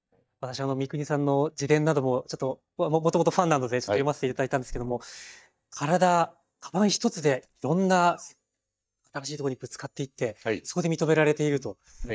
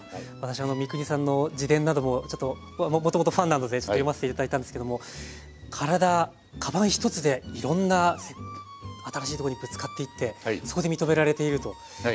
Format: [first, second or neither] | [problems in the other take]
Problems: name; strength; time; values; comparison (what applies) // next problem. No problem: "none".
second | noise reduction (neural mask model DeepFilterNet 3)